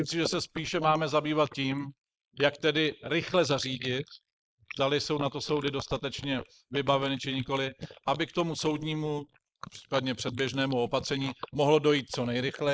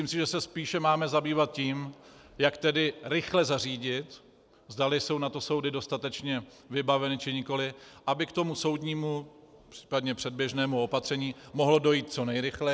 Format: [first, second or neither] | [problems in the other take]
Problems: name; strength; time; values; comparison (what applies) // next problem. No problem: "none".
second | noise reduction (neural mask model Resemble Enhance denoiser)